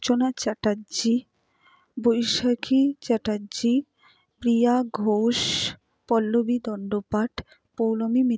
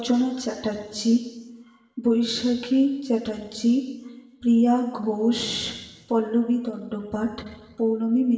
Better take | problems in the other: first | room echo; dies away in 1.2 s

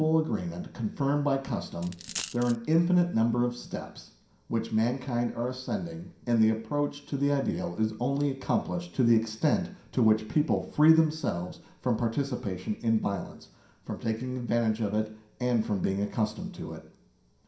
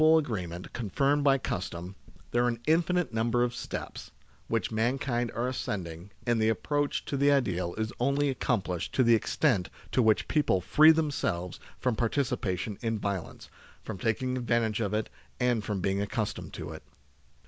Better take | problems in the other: second | background sound (Coin (dropping)); 11 dB below the speech // room echo; dies away in 0.5 s

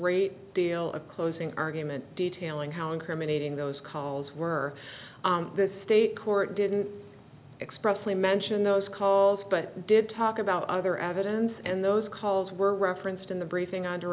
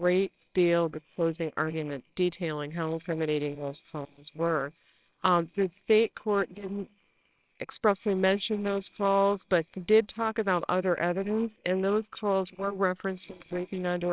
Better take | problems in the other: first | noise reduction (neural separator model SepFormer WHAMR!)

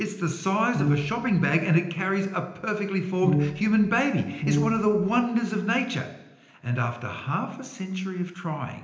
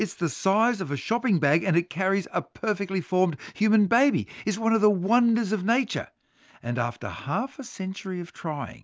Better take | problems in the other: second | background sound (Brass instrument); 3 dB below the speech // room echo; dies away in 0.9 s

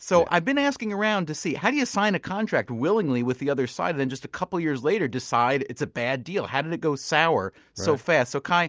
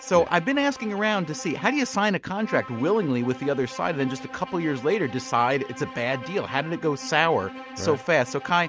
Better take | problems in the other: first | background sound (Bowed string instrument); 15 dB below the speech

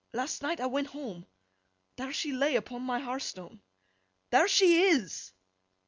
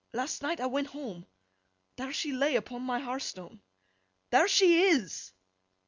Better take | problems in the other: second | background sound (Cutlery, silverware); 20 dB below the speech

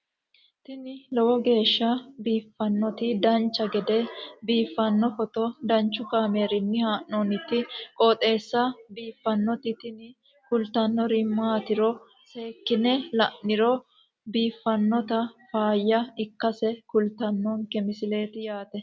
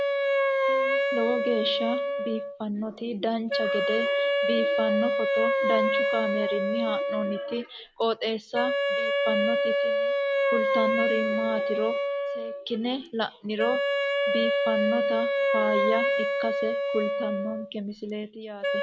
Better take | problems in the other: first | background sound (Wind instrument, woodwind instrument); 5 dB above the speech

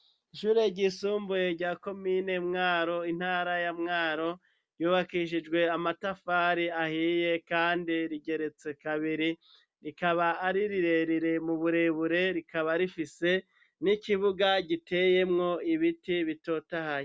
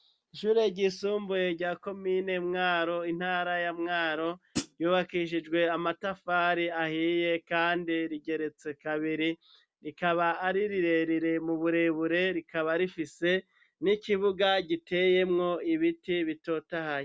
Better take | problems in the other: first | background sound (Hi-hat); 6 dB below the speech

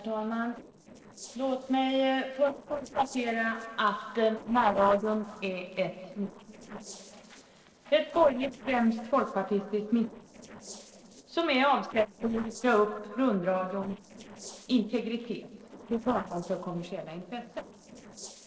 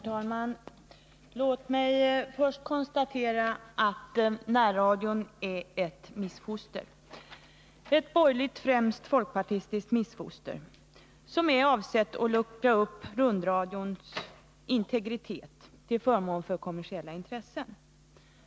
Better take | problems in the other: second | noise reduction (neural separator model SepFormer DNS4)

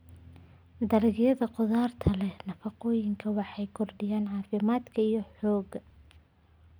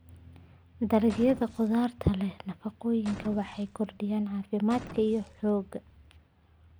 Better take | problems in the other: first | background sound (Boom); 16 dB below the speech

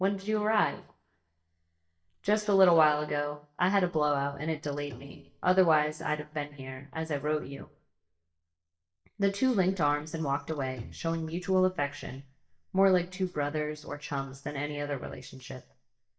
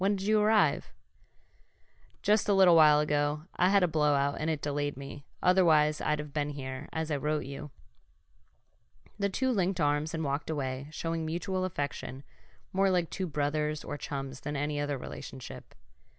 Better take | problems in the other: second | noise reduction (neural mask model DeepFilterNet 3)

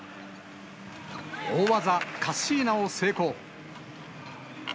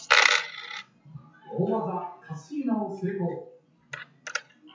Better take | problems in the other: first | noise reduction (classical method WPE with log-MMSE)

